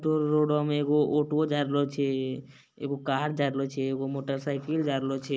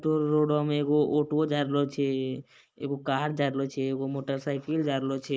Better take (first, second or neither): first